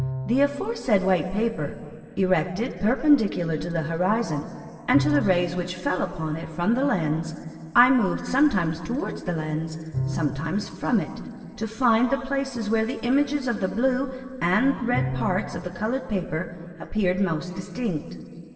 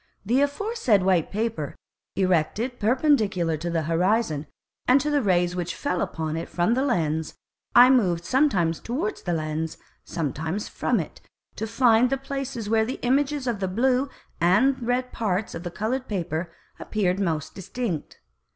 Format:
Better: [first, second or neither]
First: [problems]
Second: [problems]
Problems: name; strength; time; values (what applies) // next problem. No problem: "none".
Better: second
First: background sound (Bowed string instrument); 13 dB below the speech // room echo; dies away in 2.7 s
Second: none